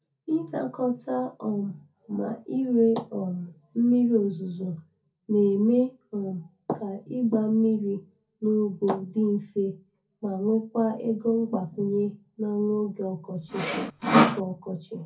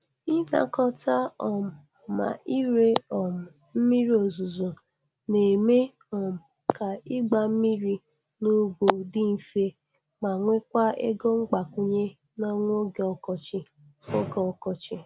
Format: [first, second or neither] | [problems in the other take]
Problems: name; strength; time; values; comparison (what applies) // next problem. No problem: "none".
second | background sound (Sawing); 2 dB above the speech // room echo; dies away in 0.3 s